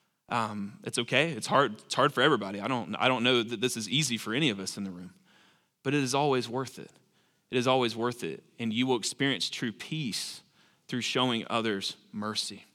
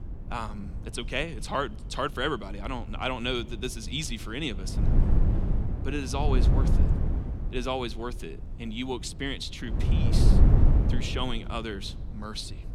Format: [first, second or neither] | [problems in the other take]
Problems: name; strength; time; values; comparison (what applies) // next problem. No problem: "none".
first | wind noise on the microphone; heavy; 6 dB below the speech